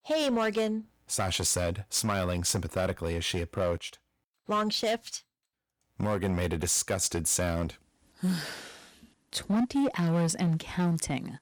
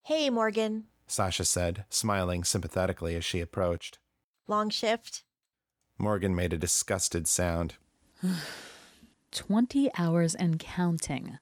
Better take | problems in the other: second | distortion; slight; 8% of the sound clipped

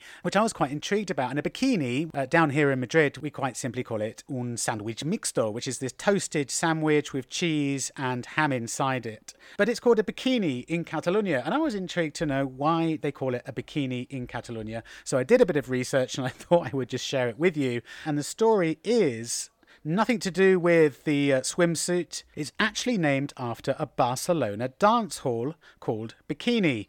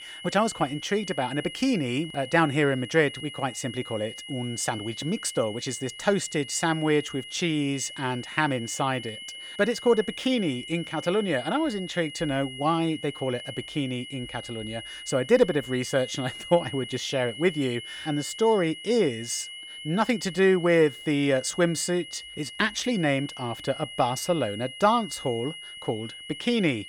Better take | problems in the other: first | high-pitched whine; noticeable; throughout; 3 kHz, 10 dB below the speech

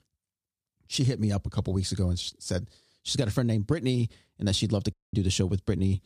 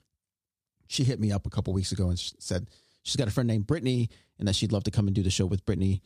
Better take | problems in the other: second | audio cutting out; at 5 s

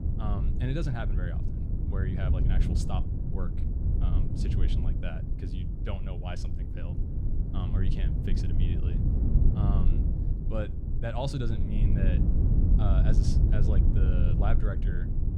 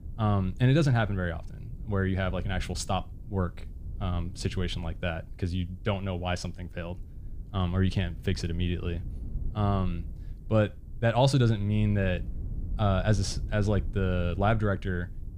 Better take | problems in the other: second | low rumble; loud; throughout; 1 dB below the speech; faint in the second

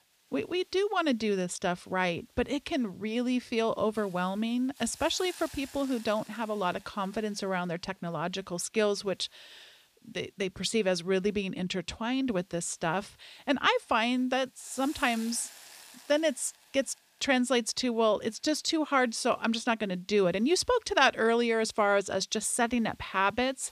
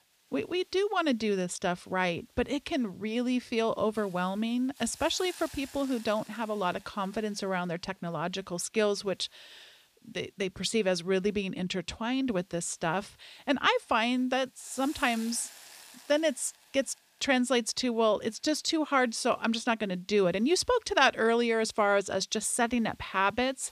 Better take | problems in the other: neither | hiss; faint; throughout; 25 dB below the speech; the same in both

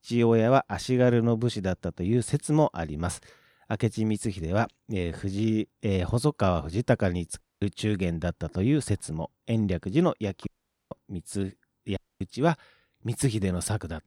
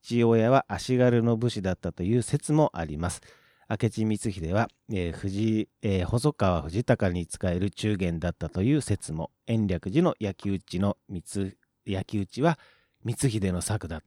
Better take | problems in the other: second | audio cutting out; at 7.5 s, at 10 s and at 12 s

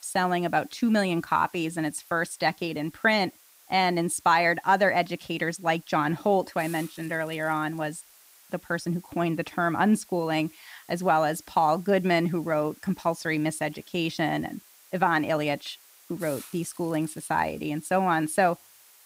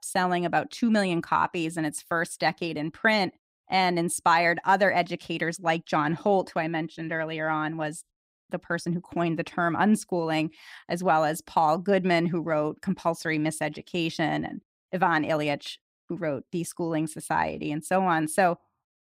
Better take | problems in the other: second | hiss; faint; throughout; 25 dB below the speech

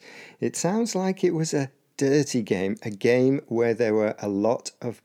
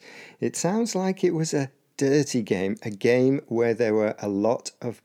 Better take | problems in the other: neither | none

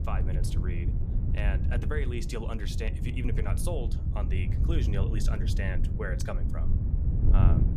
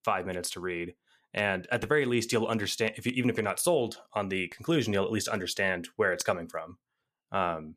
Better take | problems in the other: second | wind noise on the microphone; heavy; 5 dB below the speech

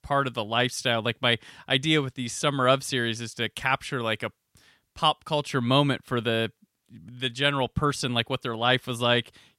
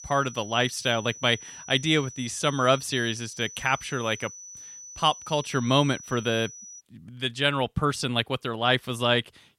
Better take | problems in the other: first | high-pitched whine; noticeable; until 7 s; 6 kHz, 15 dB below the speech

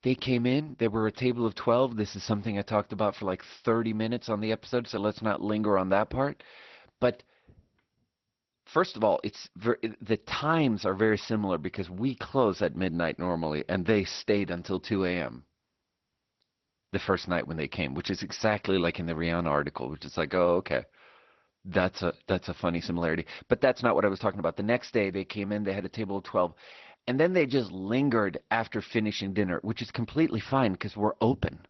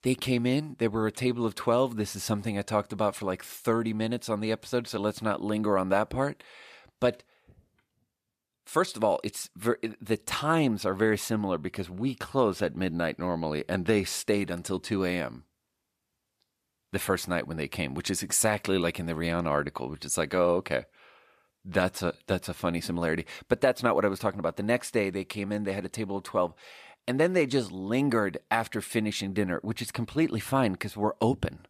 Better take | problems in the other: second | garbled, watery; slightly; nothing above 6 kHz

